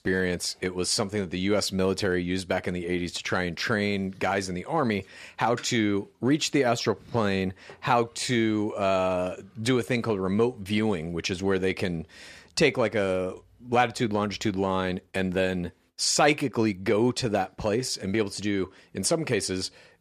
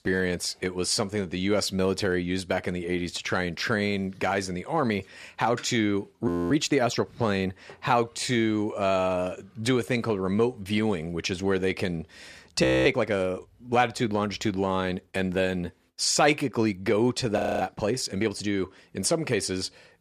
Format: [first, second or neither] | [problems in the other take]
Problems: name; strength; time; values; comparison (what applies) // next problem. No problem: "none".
first | audio freezing; at 6.5 s, at 13 s and at 17 s